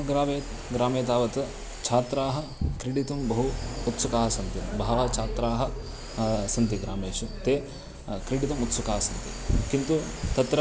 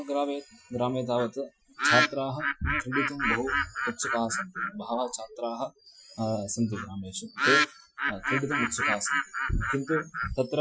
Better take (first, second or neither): first